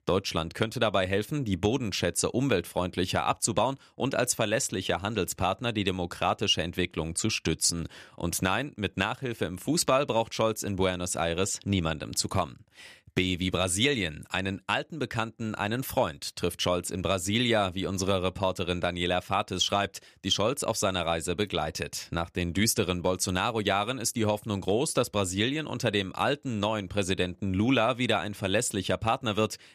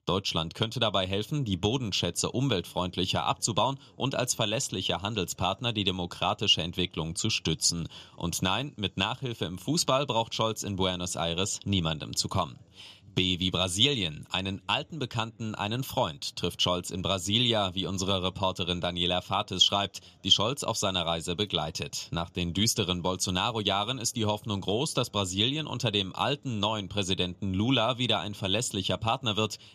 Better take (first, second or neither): first